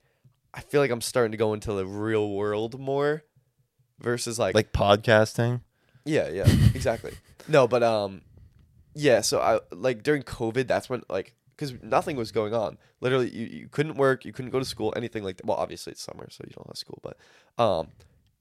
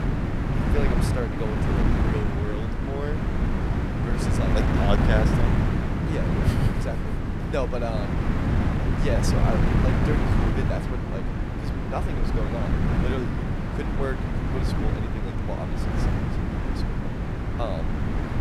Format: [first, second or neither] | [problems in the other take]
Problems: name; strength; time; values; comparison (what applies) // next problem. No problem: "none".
first | wind noise on the microphone; heavy; 2 dB above the speech